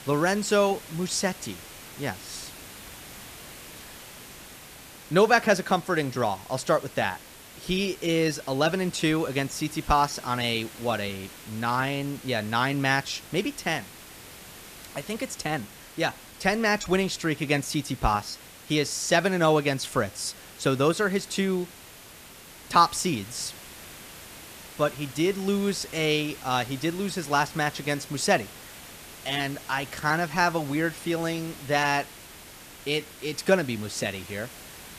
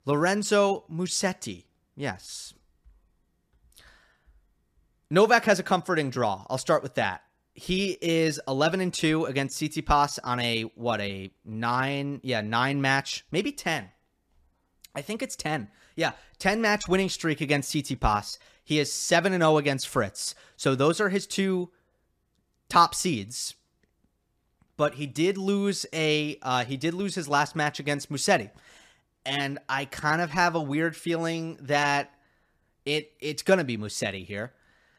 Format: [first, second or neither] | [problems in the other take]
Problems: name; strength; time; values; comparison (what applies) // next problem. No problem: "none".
second | hiss; noticeable; throughout; 15 dB below the speech